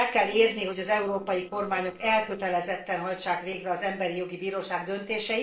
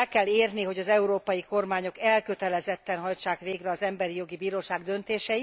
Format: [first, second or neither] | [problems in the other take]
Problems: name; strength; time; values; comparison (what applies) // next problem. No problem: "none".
second | noise reduction (neural separator model SepFormer DNS4)